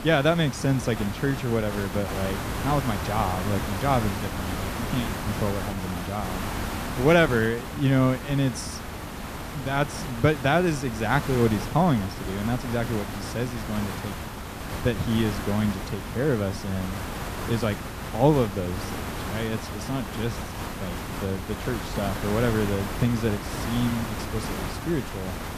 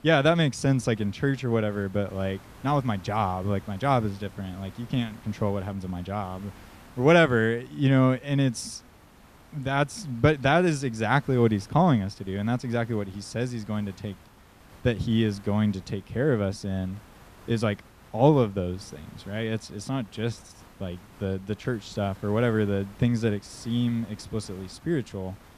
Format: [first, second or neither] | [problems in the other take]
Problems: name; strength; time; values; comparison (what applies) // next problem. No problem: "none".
second | hiss; loud; throughout; 6 dB below the speech; faint in the second